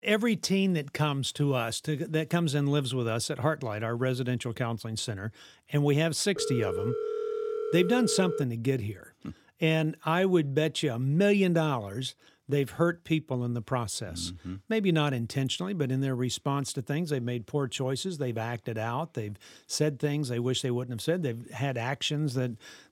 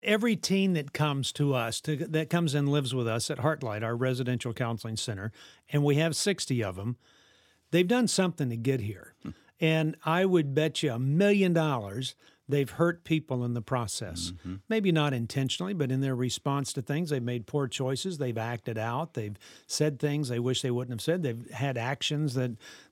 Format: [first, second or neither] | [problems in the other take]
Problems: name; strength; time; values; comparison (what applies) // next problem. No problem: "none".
second | phone ringing; noticeable; from 6.5 to 8.5 s; peak 3 dB below the speech